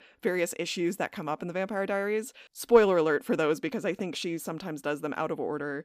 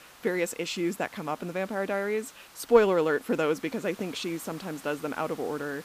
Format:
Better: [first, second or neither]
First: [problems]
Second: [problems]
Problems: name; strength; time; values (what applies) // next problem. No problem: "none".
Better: first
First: none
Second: hiss; faint; throughout; 20 dB below the speech